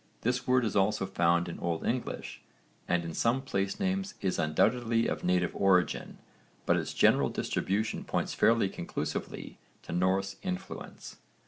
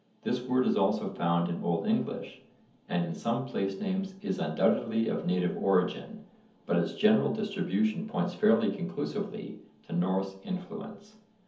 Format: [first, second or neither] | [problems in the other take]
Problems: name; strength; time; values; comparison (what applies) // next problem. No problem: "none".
first | room echo; dies away in 0.7 s